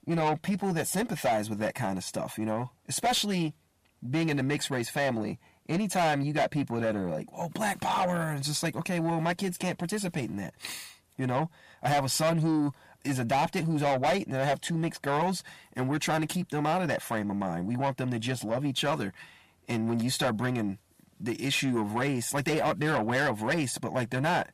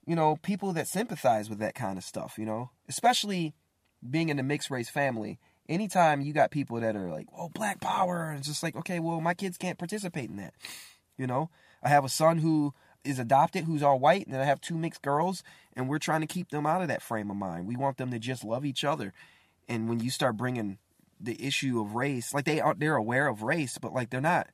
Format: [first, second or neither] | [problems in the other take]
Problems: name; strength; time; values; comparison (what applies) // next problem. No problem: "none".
second | distortion; heavy; 8 dB below the speech